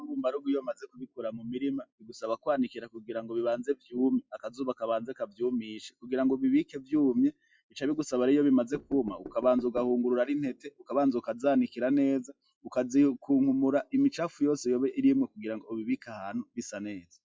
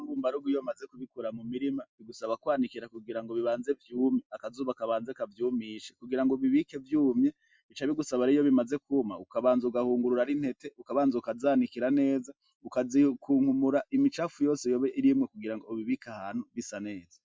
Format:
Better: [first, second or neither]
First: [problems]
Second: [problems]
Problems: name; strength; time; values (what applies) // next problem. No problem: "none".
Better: second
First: noise reduction (classical method log-MMSE)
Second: none